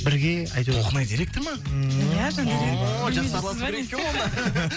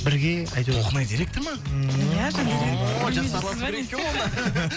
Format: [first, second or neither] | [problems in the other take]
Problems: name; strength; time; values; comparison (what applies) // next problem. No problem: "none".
first | background sound (Walk, footsteps); 16 dB below the speech